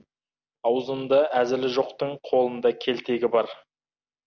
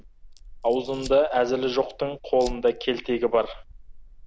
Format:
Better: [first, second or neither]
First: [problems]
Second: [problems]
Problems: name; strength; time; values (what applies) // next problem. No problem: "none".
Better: first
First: none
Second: background sound (Fire); 17 dB below the speech